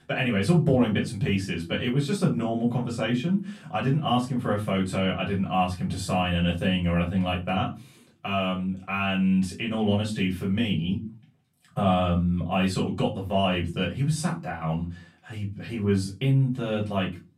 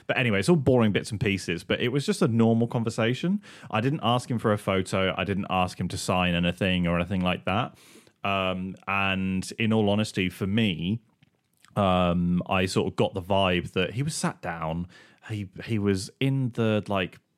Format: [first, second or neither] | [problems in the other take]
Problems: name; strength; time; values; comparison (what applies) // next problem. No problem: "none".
second | off-mic speech; far // room echo; very slight; dies away in 0.3 s